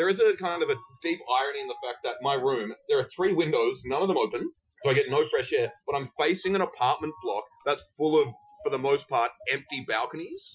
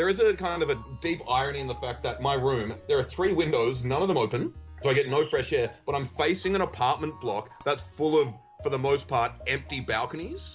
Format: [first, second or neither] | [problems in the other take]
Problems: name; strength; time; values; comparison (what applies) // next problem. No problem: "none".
second | noise reduction (classical method Wiener filter)